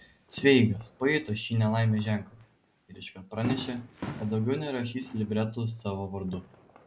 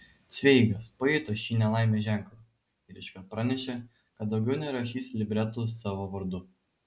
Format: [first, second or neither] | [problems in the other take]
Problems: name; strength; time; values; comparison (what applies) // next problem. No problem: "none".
second | background sound (Fireworks); 16 dB below the speech